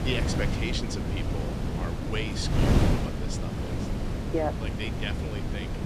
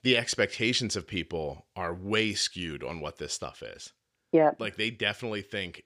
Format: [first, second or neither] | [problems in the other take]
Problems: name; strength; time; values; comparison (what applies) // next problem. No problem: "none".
second | wind noise on the microphone; heavy; as loud as the speech